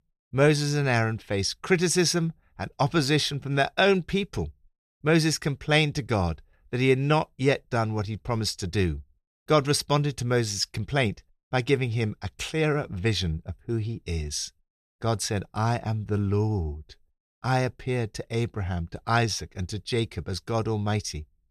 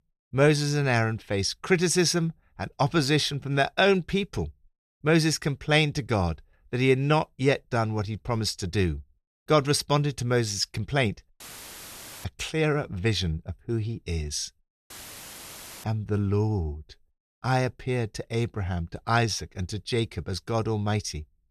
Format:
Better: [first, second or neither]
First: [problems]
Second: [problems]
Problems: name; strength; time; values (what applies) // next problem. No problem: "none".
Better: first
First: none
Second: audio cutting out; filled with static; at 11 s for 1 s and at 15 s for 1 s